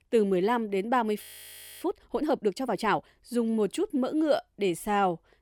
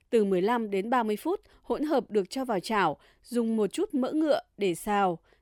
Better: second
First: audio freezing; at 1 s for 0.5 s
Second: none

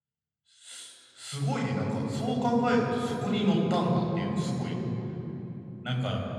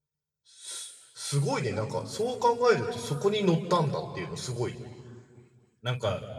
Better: second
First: room echo; strong; dies away in 3 s // off-mic speech; far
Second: room echo; slight; dies away in 1.6 s // off-mic speech; somewhat distant

